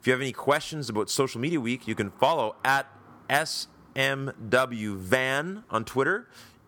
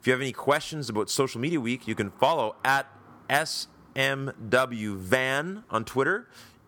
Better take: neither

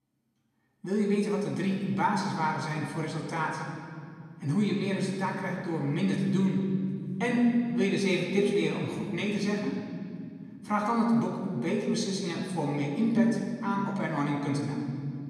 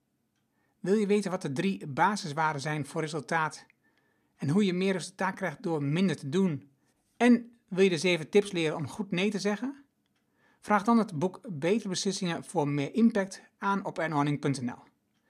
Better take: second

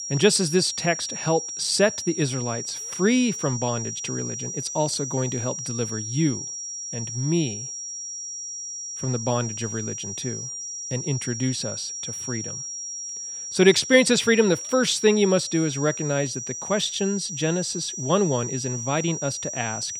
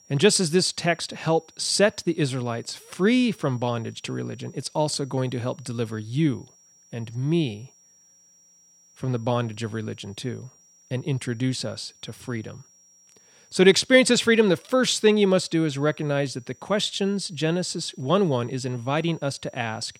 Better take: second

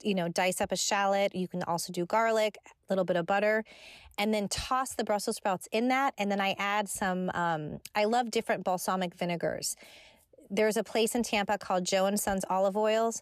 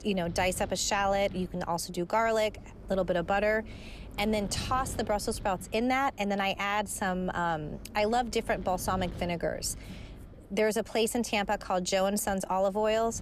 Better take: first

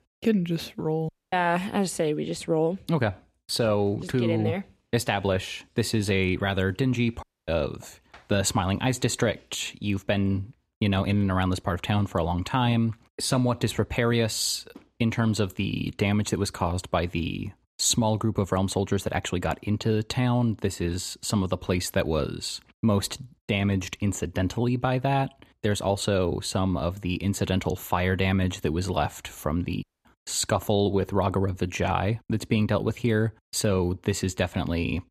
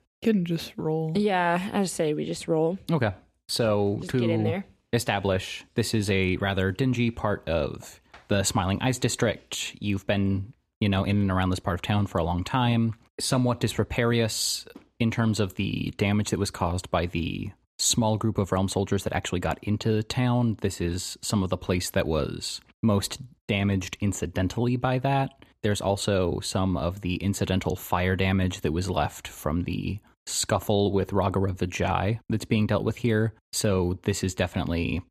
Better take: second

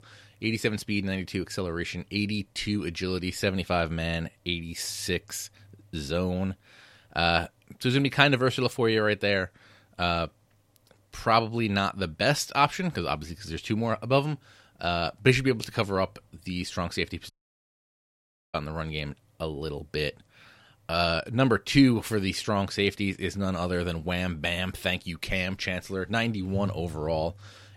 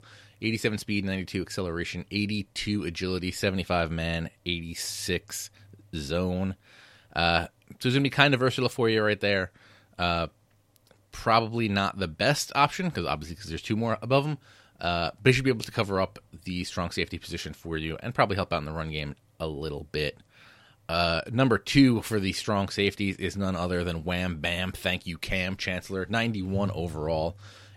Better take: second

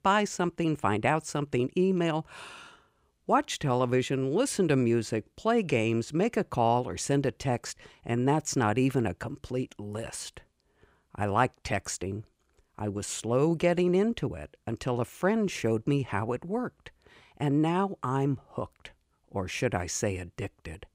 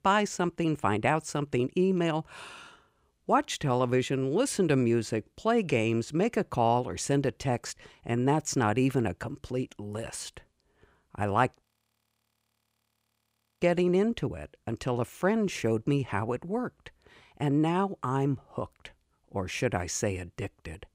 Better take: first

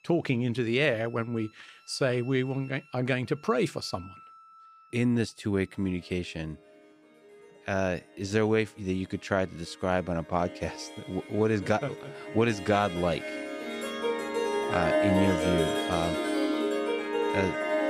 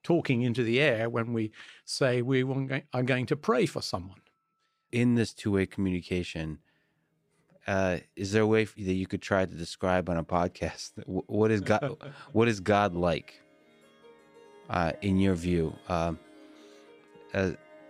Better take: second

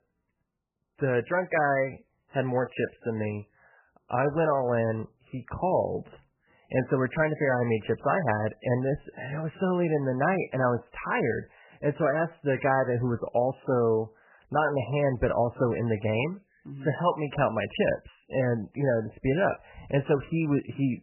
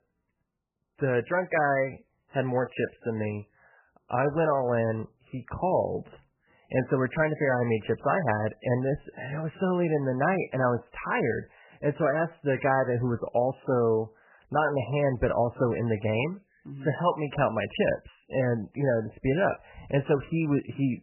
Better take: neither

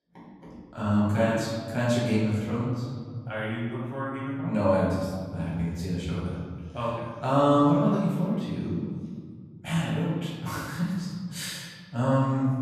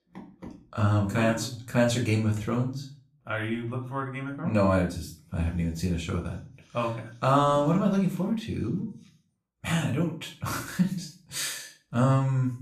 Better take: second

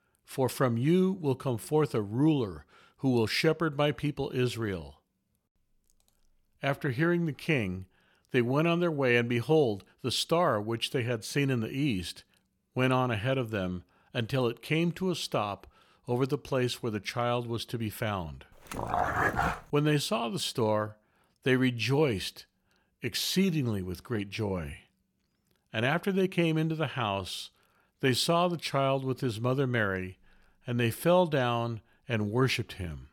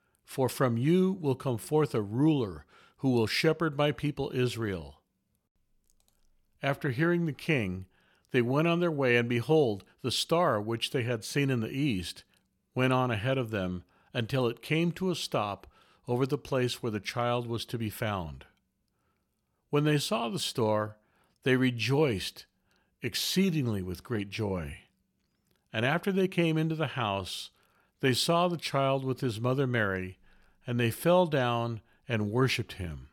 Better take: second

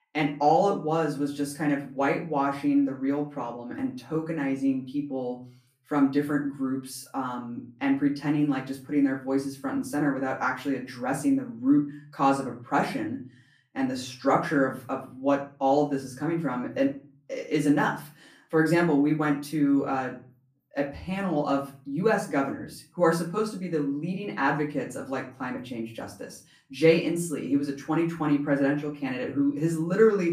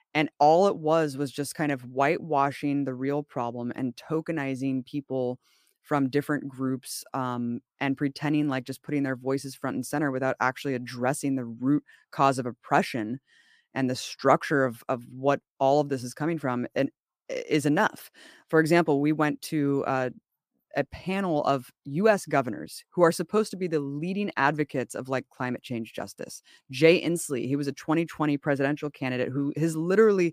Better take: second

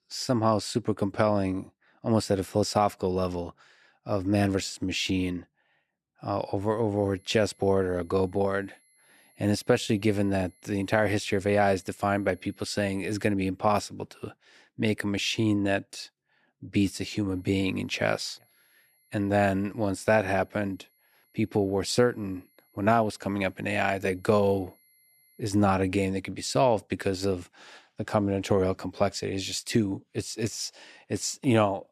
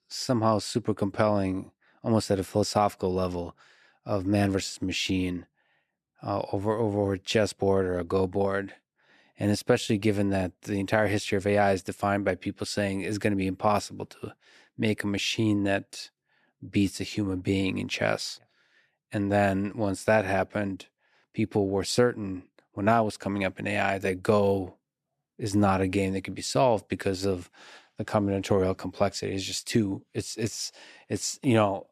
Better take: second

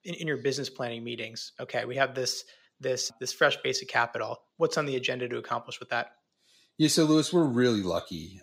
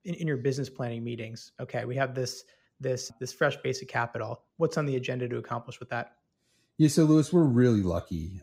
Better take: second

